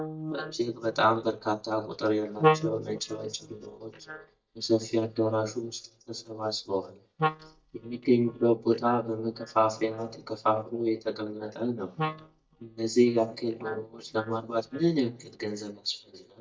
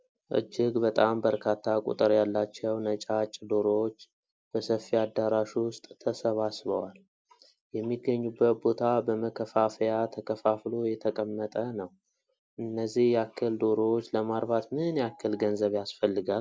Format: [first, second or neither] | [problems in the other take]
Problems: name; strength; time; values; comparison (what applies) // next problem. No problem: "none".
second | noise reduction (neural mask model DeepFilterNet 3)